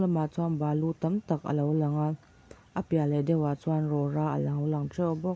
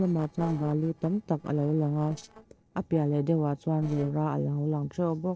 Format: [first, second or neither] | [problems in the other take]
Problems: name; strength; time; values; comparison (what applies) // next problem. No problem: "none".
first | noise reduction (neural separator model SepFormer DNS4)